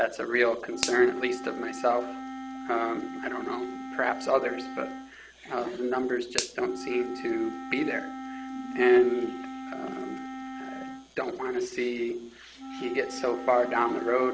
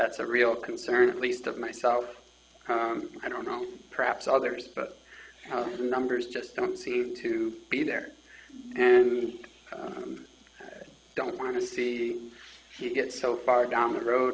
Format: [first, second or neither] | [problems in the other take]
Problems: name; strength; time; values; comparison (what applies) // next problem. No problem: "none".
second | background sound (Finger snapping + Wind instrument, woodwind instrument); 10 dB below the speech